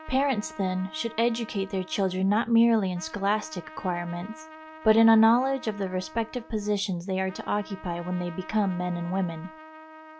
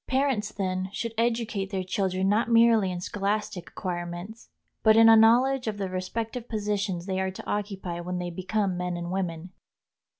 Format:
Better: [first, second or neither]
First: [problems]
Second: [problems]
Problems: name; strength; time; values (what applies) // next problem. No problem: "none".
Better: second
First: background sound (Trumpet); 19 dB below the speech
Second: none